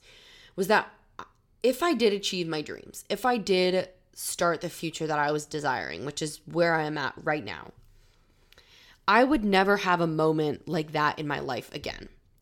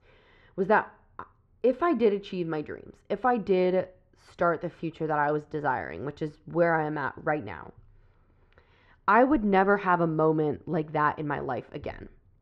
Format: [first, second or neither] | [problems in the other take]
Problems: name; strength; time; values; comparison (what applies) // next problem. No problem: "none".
first | muffled; very; fading above 1.5 kHz